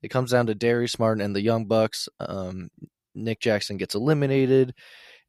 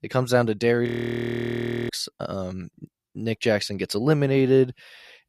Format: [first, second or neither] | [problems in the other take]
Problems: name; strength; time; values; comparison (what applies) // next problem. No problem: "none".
first | audio freezing; at 1 s for 1 s